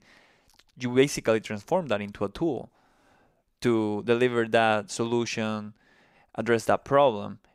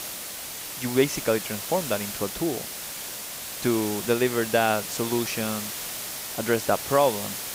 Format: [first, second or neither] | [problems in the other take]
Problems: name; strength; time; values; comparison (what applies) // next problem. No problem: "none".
first | hiss; loud; throughout; 5 dB below the speech